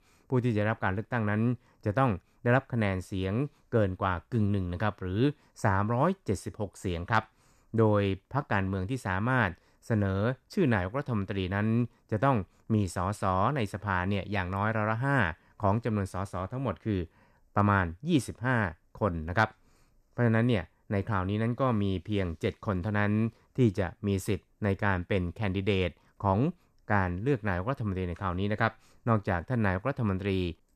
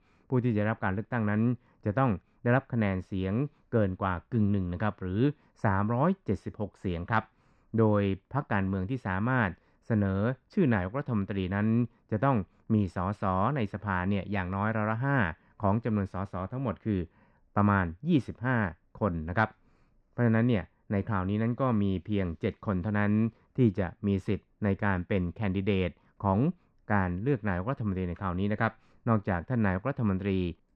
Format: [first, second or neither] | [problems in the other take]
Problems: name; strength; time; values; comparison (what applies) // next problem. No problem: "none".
first | muffled; slightly; fading above 3 kHz